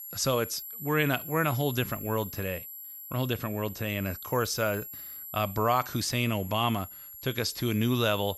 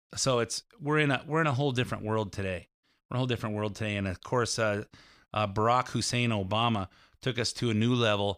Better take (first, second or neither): second